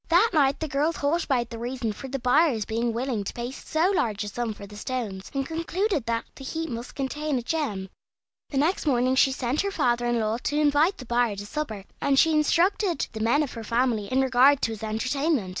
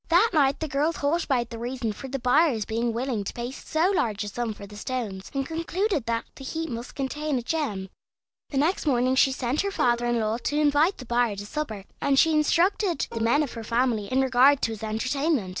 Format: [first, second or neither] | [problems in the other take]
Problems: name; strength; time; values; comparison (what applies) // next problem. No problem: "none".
first | noise reduction (neural separator model SepFormer DNS4)